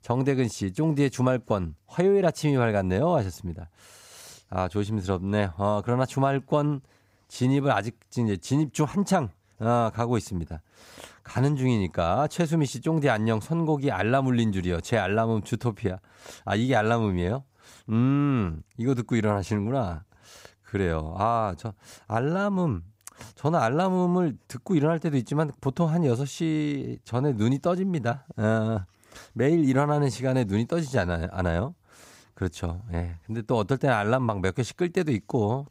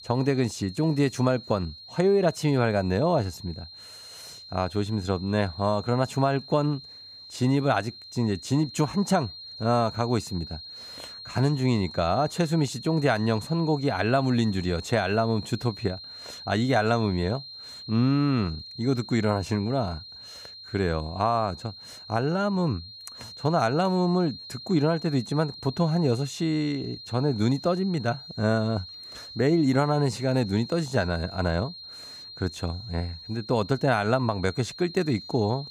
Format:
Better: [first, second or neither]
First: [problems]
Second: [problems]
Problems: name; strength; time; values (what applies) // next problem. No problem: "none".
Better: first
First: none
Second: high-pitched whine; noticeable; throughout; 4 kHz, 15 dB below the speech